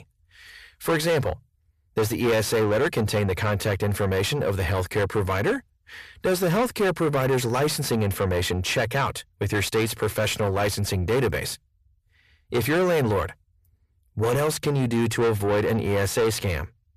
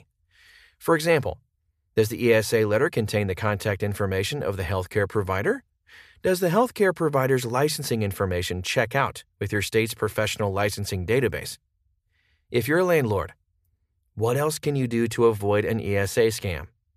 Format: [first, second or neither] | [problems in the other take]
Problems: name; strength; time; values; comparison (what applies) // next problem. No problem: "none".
second | distortion; heavy; 7 dB below the speech